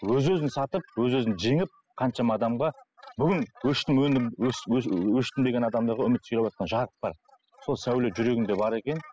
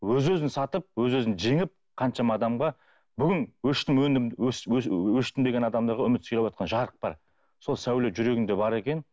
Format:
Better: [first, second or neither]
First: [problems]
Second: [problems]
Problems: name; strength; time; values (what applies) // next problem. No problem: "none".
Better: second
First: noise reduction (classical method spectral subtraction)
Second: none